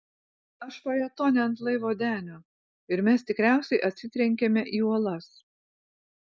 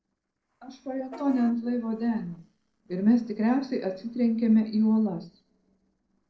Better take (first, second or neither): first